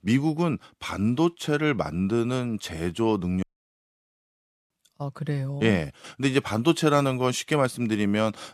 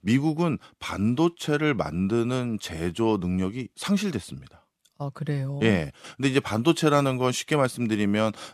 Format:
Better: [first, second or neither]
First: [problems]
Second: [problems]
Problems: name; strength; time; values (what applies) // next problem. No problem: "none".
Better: second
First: audio cutting out; at 3.5 s for 1.5 s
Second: none